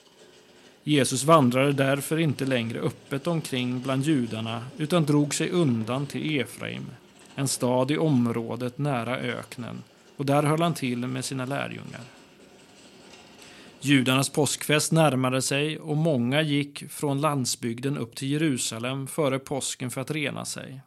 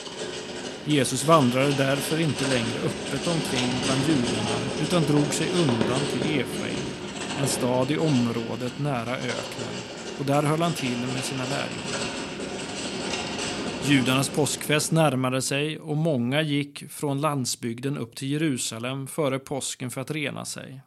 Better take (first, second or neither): first